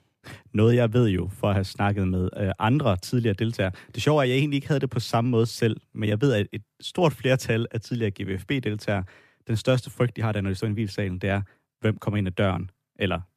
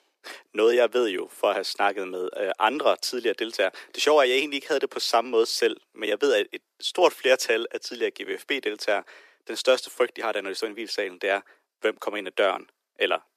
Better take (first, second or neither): first